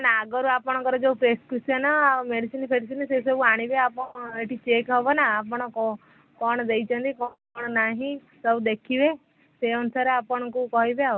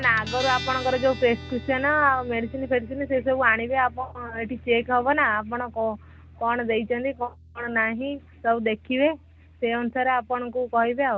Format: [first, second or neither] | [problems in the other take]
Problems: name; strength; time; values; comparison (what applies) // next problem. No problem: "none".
first | background sound (Guitar); 16 dB below the speech